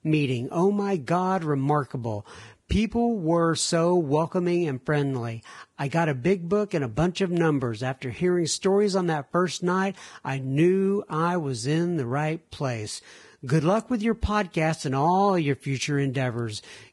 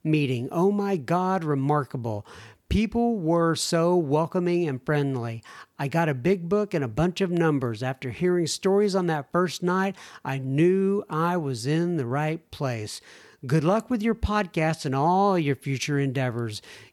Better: second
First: garbled, watery; badly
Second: none

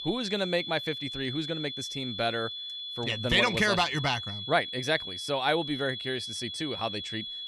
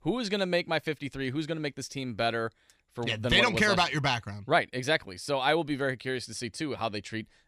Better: second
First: high-pitched whine; loud; throughout; 3.5 kHz, 6 dB below the speech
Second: none

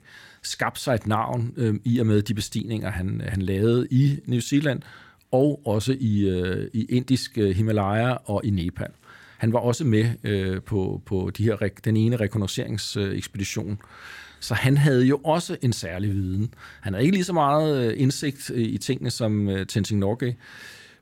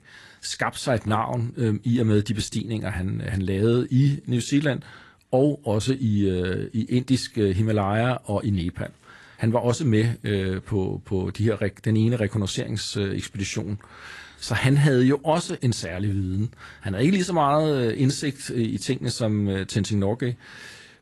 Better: first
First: none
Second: garbled, watery; slightly; nothing above 11.5 kHz

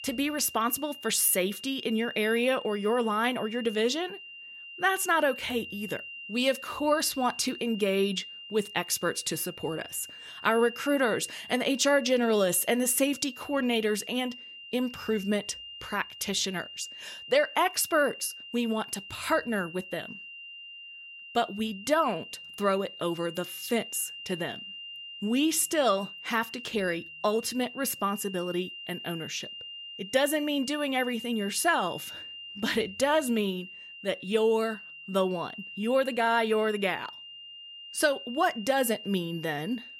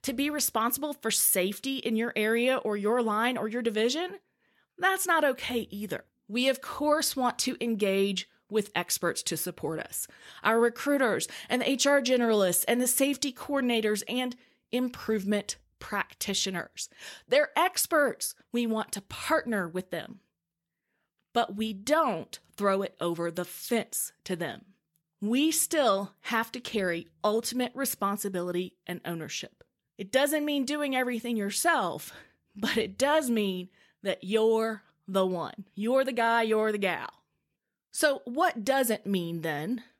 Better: second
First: high-pitched whine; noticeable; throughout; 3 kHz, 15 dB below the speech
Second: none

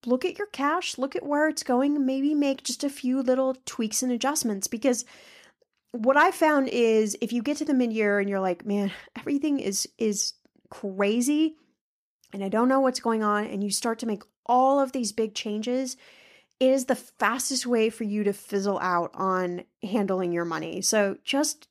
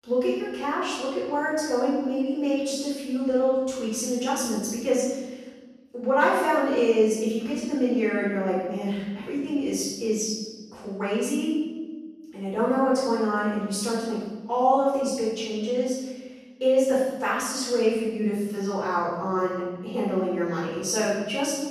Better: first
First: none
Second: off-mic speech; far // room echo; strong; dies away in 1.3 s

